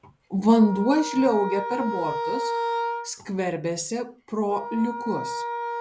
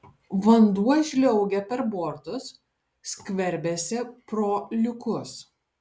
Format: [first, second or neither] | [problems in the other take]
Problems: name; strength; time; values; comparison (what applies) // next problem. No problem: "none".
second | background sound (Wind instrument, woodwind instrument); 6 dB below the speech